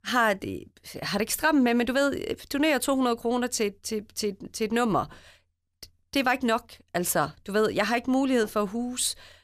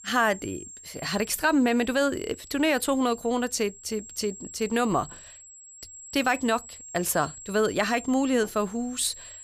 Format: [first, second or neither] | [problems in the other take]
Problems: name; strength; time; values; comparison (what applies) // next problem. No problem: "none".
first | high-pitched whine; noticeable; throughout; 7.5 kHz, 15 dB below the speech